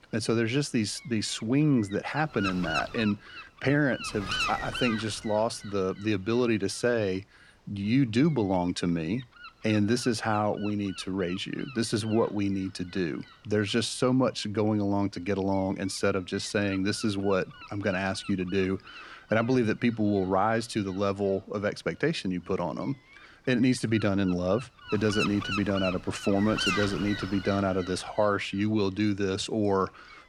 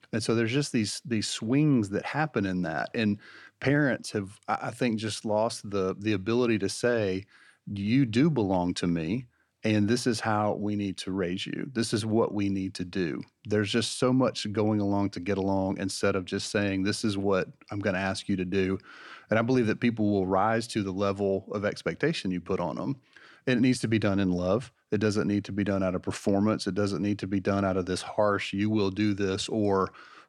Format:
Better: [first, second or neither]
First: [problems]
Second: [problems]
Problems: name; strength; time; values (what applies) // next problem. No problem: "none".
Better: second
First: wind noise on the microphone; heavy; 6 dB below the speech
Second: none